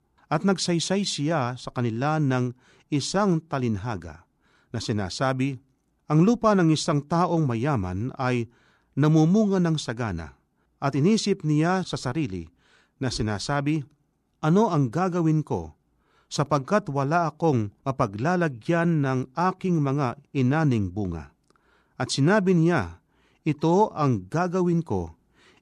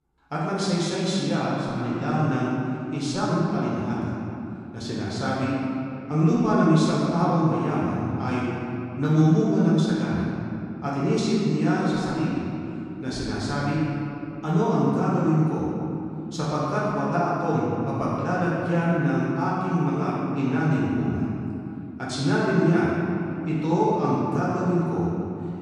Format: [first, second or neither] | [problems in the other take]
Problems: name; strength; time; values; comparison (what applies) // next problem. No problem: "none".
first | room echo; strong; dies away in 2.7 s // off-mic speech; far